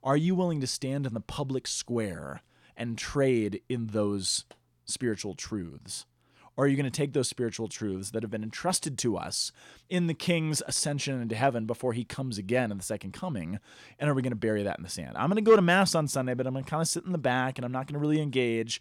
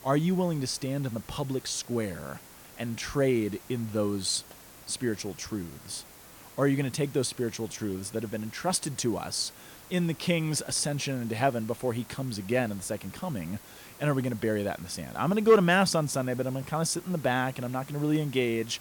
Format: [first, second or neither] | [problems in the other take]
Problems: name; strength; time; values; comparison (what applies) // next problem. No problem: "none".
first | hiss; noticeable; throughout; 20 dB below the speech